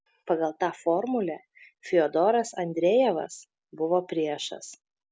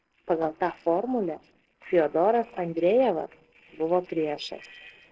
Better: first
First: none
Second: noise reduction (neural separator model SepFormer DNS4)

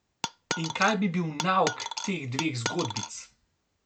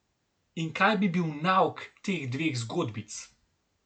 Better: second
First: background sound (Coin (dropping)); 4 dB below the speech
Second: none

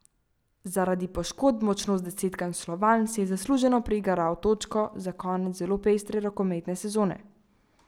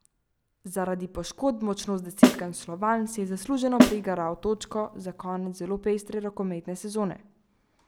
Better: first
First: none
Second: background sound (Snare drum); 4 dB above the speech

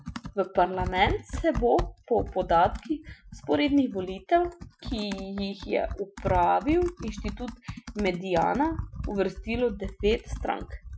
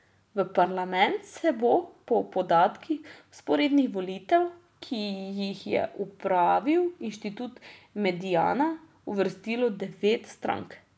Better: second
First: noise reduction (classical method Wiener filter)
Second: none

